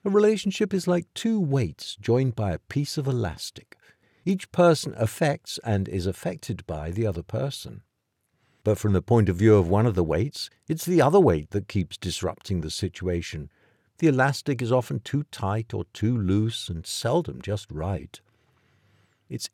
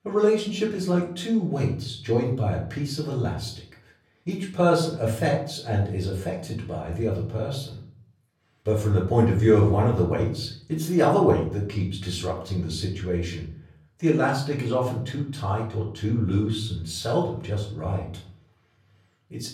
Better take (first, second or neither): first